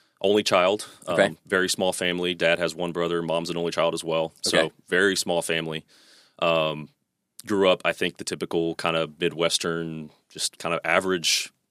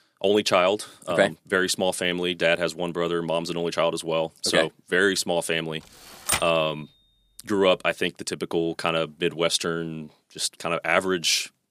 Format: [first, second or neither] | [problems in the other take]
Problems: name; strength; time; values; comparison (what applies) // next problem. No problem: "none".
first | keyboard typing; noticeable; at 6.5 s; peak 1 dB below the speech